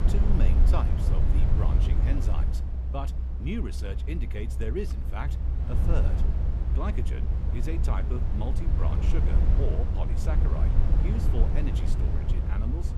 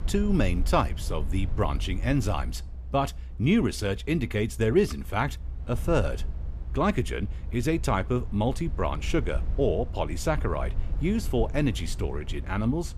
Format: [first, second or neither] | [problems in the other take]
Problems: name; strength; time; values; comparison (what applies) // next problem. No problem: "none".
second | low rumble; loud; throughout; 2 dB below the speech; faint in the second